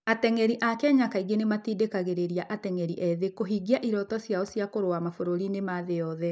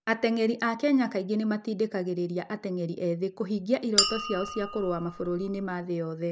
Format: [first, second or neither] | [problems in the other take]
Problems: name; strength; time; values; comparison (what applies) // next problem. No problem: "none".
first | background sound (Chink, clink); 3 dB below the speech